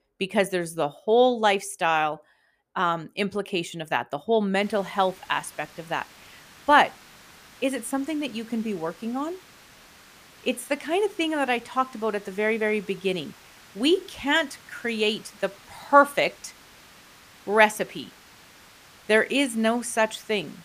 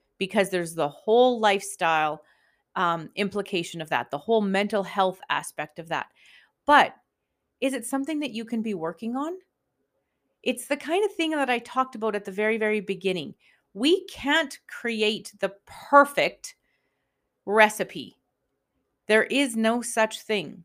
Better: second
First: hiss; faint; from 4.5 s on; 25 dB below the speech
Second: none

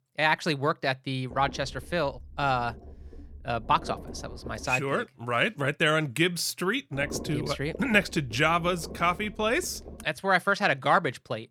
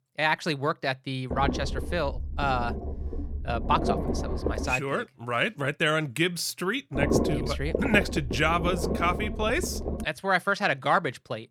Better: first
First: low rumble; faint; from 1.5 to 4.5 s and from 7 to 10 s; 20 dB below the speech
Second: low rumble; loud; from 1.5 to 4.5 s and from 7 to 10 s; 8 dB below the speech

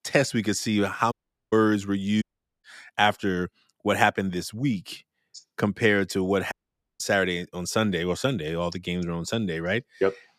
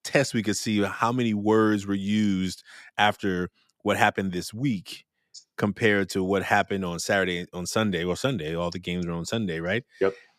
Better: second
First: audio cutting out; at 1 s, at 2 s and at 6.5 s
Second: none

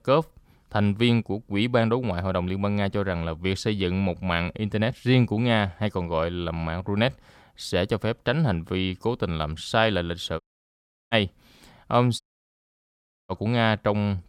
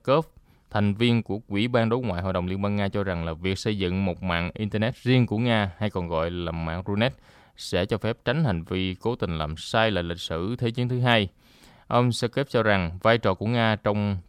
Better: second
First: audio cutting out; at 10 s for 0.5 s and at 12 s for 1 s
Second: none

